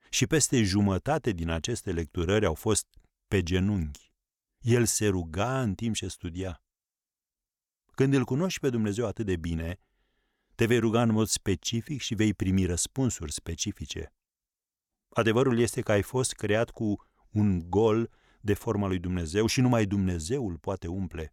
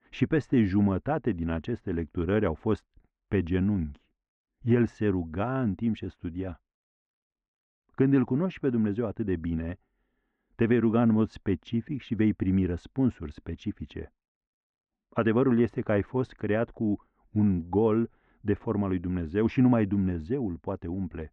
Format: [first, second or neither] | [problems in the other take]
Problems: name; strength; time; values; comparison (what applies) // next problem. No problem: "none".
first | muffled; very; fading above 2 kHz